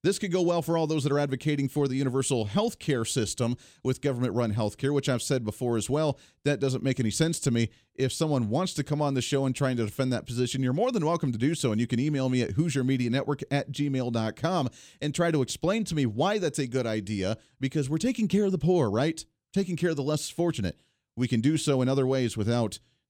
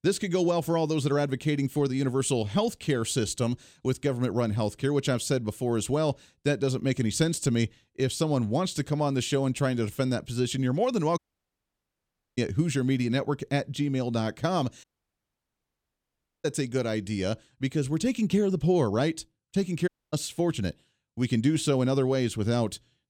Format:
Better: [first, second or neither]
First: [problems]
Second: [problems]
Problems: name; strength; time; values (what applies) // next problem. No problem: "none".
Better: first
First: none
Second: audio cutting out; at 11 s for 1 s, at 15 s for 1.5 s and at 20 s